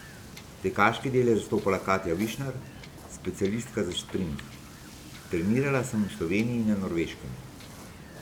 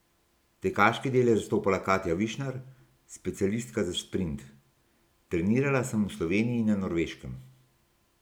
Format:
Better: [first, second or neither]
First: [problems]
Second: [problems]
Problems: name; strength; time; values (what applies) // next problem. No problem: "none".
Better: second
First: background sound (Wind / Boat, Water vehicle); 15 dB below the speech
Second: none